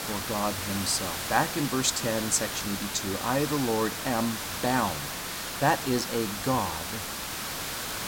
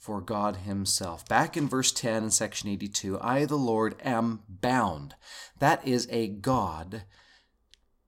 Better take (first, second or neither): second